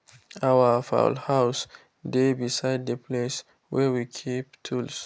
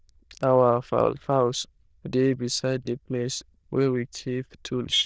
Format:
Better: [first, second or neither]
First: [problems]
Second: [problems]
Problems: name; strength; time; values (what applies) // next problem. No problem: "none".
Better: first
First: none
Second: noise reduction (neural diffusion model UNIVERSE++)